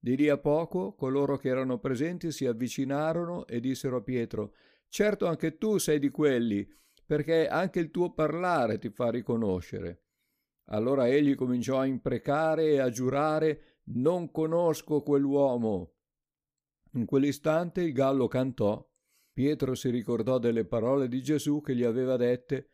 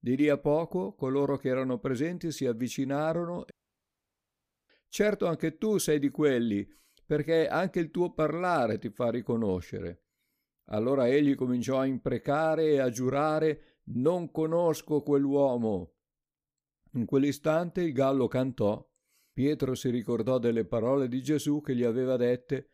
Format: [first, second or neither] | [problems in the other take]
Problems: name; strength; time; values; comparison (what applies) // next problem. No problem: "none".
first | audio cutting out; at 3.5 s for 1 s